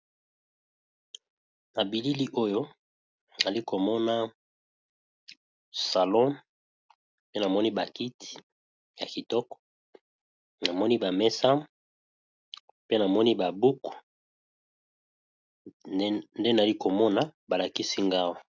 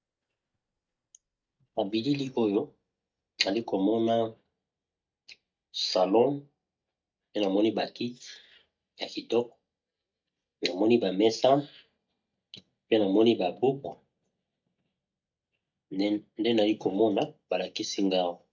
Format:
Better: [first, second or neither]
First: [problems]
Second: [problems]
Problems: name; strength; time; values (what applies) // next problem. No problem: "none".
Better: first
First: none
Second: noise reduction (neural mask model DeepFilterNet 3)